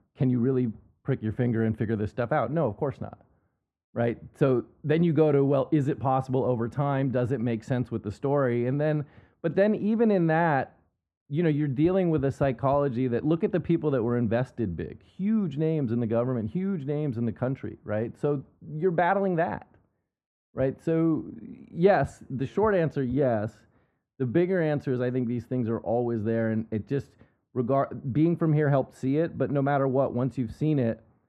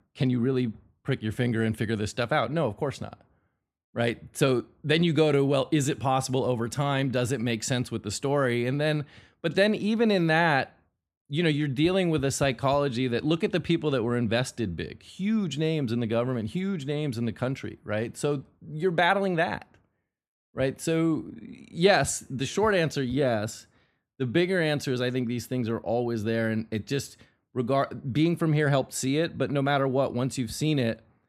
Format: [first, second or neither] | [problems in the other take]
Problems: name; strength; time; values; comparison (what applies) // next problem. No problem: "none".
second | muffled; very; fading above 2.5 kHz